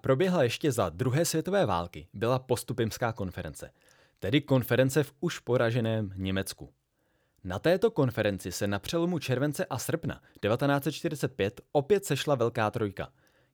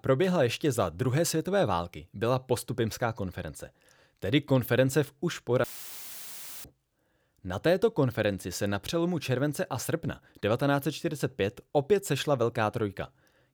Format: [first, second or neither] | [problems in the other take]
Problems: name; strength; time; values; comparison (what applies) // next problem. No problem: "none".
first | audio cutting out; filled with static; at 5.5 s for 1 s